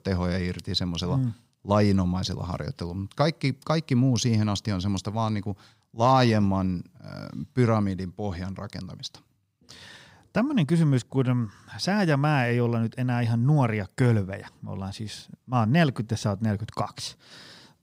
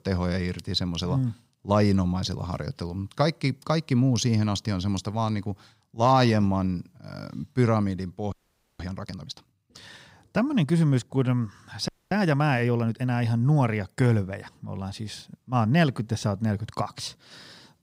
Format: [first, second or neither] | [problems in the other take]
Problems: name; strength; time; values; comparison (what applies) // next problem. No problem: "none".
first | audio freezing; at 8.5 s and at 12 s